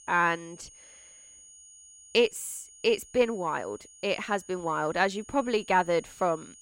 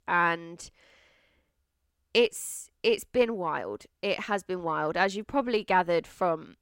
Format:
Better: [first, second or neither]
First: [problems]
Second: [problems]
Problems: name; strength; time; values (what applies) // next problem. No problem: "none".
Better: second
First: high-pitched whine; faint; throughout; 6.5 kHz, 20 dB below the speech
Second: none